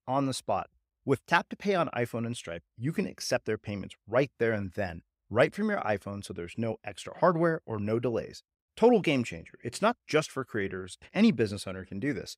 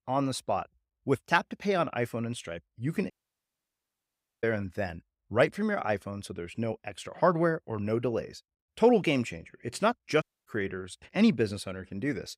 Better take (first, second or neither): first